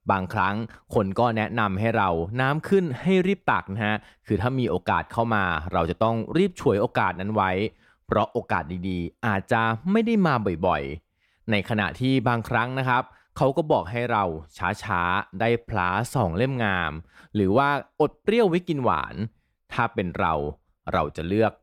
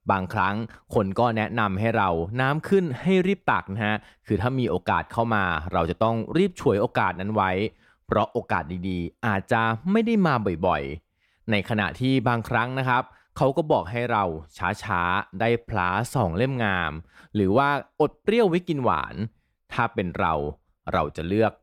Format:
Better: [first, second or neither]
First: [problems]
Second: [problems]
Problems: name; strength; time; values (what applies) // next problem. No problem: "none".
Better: neither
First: none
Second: none